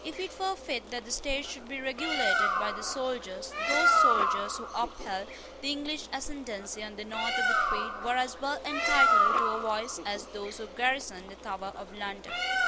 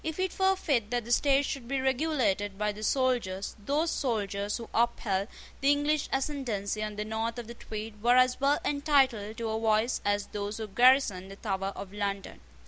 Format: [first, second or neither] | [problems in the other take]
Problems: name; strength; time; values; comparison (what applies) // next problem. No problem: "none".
second | background sound (Bird); 4 dB above the speech